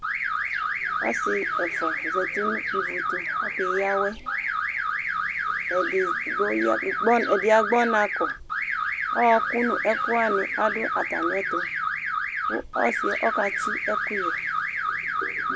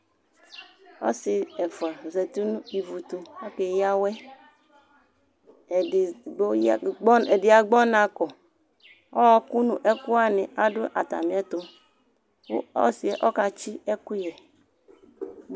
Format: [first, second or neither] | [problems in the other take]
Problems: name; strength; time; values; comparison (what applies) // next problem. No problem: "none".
second | background sound (Alarm / Car); as loud as the speech